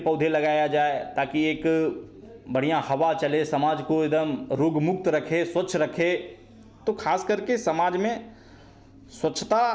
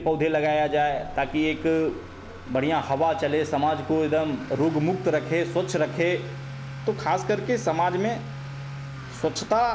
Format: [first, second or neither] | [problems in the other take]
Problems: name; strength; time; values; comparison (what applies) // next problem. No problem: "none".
first | background sound (Accelerating, revving, vroom / Motor vehicle (road)); 12 dB below the speech